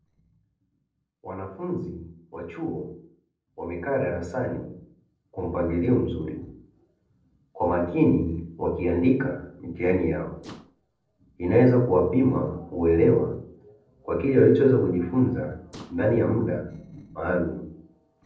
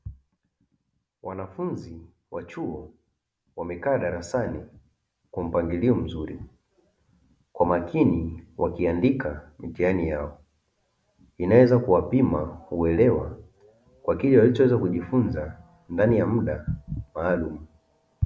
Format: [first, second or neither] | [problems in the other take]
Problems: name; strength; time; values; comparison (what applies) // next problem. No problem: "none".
second | noise reduction (neural separator model SepFormer DNS4)